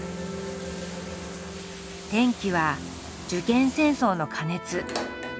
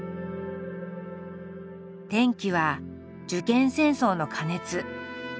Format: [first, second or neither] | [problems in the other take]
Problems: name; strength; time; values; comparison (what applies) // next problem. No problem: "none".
second | background sound (Bathtub (filling or washing)); 12 dB below the speech